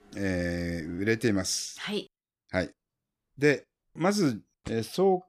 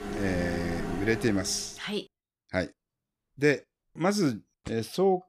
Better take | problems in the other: first | household noises; loud; until 1.5 s; 7 dB below the speech; faint in the first

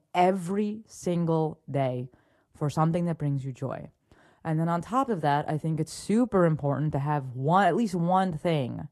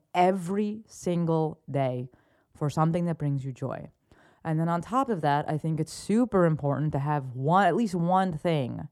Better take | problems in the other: second | garbled, watery; slightly; nothing above 12 kHz

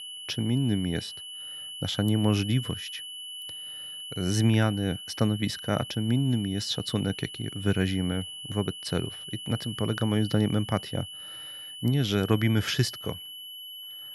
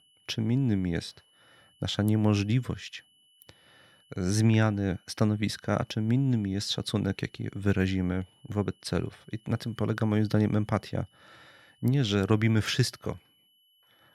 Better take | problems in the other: second | high-pitched whine; loud; throughout; 3 kHz, 10 dB below the speech; faint in the second

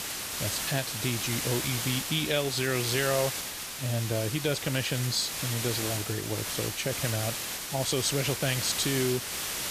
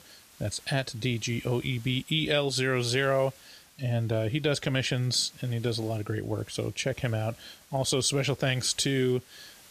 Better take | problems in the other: second | hiss; loud; throughout; 2 dB below the speech; faint in the second

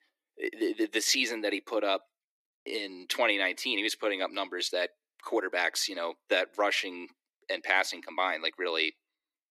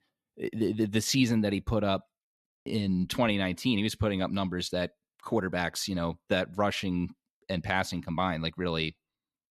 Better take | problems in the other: second | thin; very; fading below 300 Hz

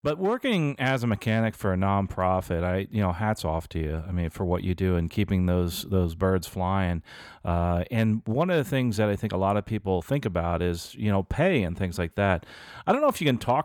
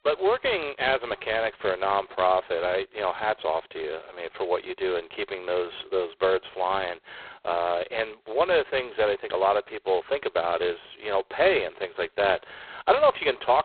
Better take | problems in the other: first | phone-call audio; poor line; nothing above 4 kHz

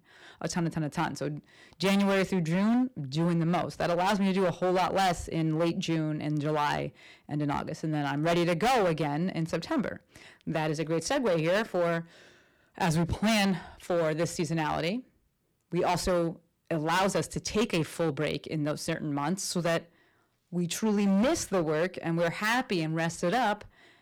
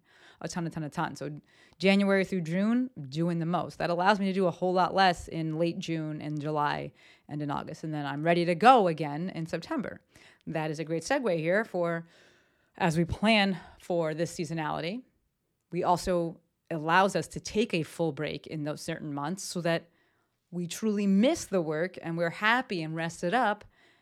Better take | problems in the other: second | distortion; heavy; 12% of the sound clipped

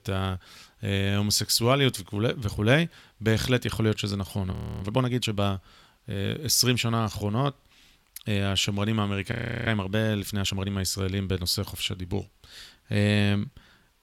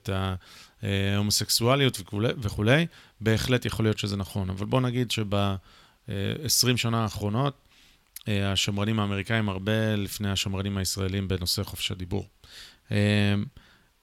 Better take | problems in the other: second | audio freezing; at 4.5 s and at 9.5 s

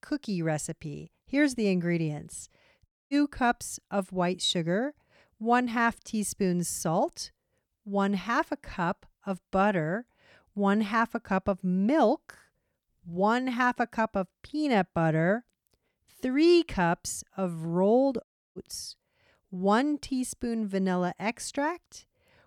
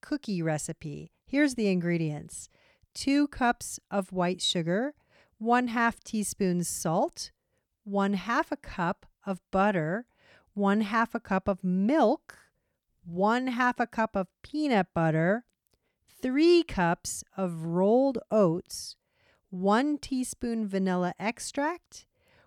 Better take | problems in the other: second | audio cutting out; at 3 s and at 18 s

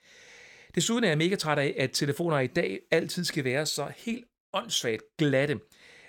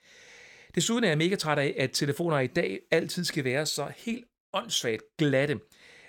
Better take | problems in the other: neither | none

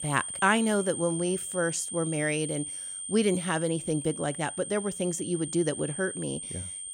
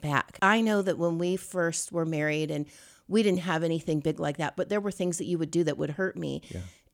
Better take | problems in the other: second | high-pitched whine; loud; throughout; 8.5 kHz, 6 dB below the speech

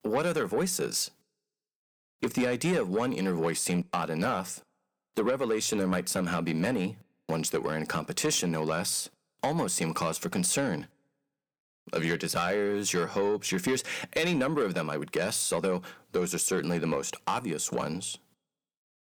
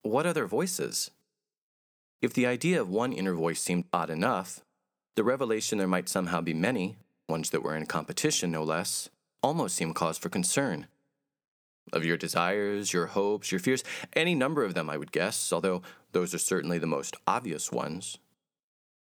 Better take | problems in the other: second | distortion; slight; 10 dB below the speech

